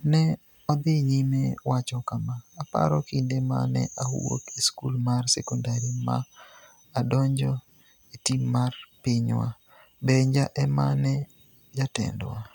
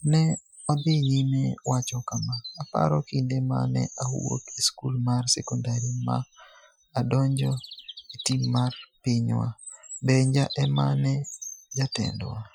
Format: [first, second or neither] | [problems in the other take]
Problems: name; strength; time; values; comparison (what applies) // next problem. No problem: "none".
first | noise reduction (classical method Wiener filter)